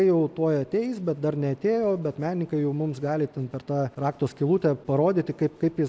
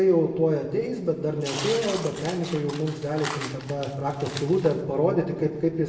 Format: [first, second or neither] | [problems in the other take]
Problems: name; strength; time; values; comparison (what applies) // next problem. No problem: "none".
first | background sound (Tearing); 12 dB below the speech // room echo; dies away in 1 s